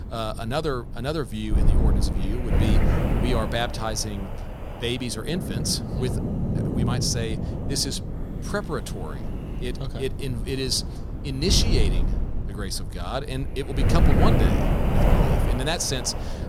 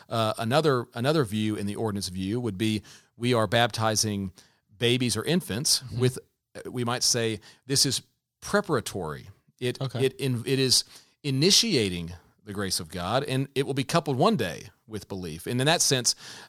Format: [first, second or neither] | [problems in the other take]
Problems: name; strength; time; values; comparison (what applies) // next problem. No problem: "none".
second | wind noise on the microphone; heavy; 4 dB below the speech